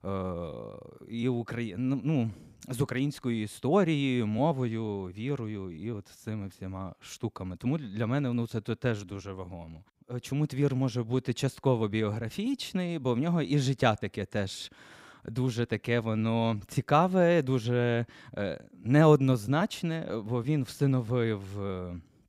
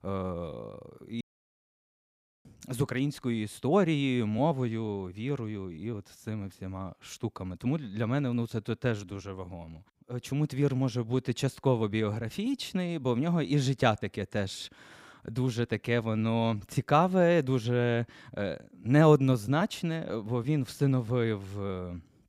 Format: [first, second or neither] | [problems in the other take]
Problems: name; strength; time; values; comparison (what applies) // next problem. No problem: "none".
first | audio cutting out; at 1 s for 1 s